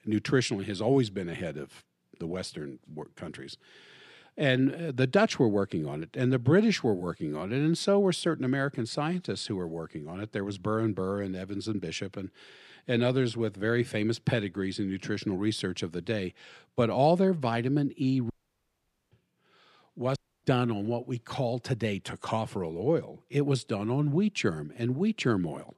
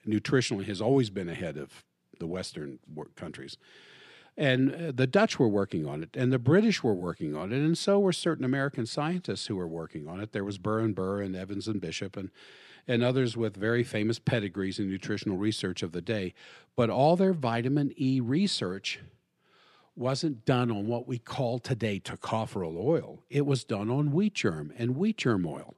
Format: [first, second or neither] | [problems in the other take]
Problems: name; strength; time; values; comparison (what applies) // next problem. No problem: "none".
second | audio cutting out; at 18 s for 1 s and at 20 s